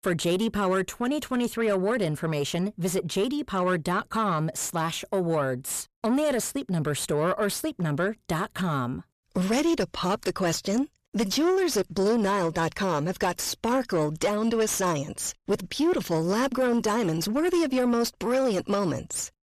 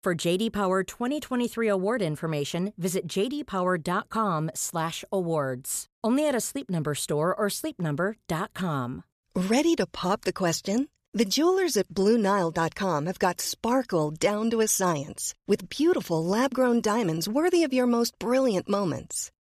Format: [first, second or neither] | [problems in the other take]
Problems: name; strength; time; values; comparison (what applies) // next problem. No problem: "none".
second | distortion; slight; 10 dB below the speech